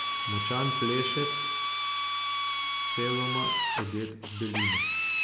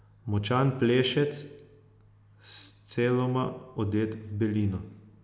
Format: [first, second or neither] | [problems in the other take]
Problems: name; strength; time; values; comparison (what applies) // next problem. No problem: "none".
second | background sound (Drill); 4 dB above the speech